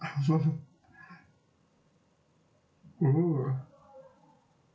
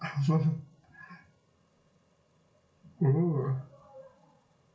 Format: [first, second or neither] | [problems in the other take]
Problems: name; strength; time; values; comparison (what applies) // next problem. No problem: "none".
first | room echo; dies away in 0.3 s